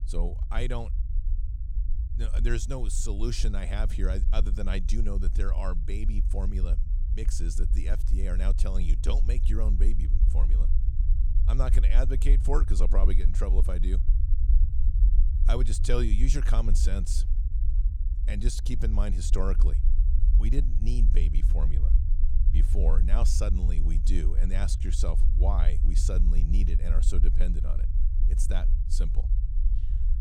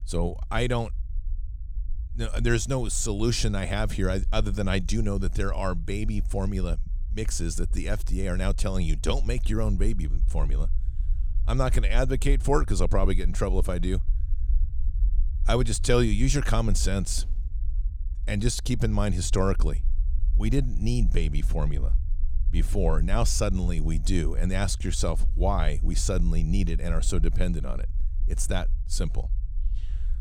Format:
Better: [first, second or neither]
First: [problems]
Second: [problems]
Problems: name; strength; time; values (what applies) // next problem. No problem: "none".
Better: second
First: low rumble; loud; throughout; 10 dB below the speech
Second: low rumble; faint; throughout; 20 dB below the speech